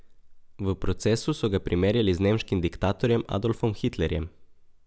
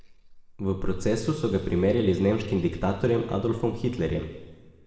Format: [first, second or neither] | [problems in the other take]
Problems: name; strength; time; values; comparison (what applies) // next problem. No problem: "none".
first | room echo; dies away in 1.4 s